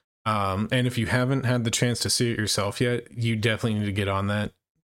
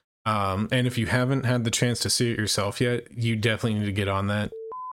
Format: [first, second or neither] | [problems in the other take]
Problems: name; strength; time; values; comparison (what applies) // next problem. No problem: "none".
first | alarm; faint; at 4.5 s; peak 10 dB below the speech